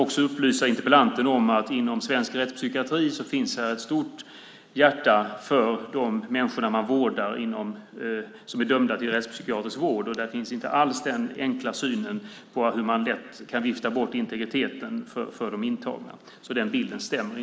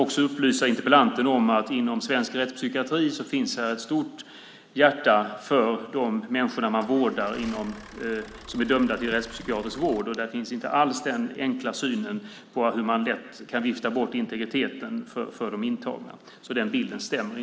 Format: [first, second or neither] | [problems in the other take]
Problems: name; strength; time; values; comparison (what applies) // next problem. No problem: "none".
first | background sound (Idling / Engine starting / Motor vehicle (road)); 18 dB below the speech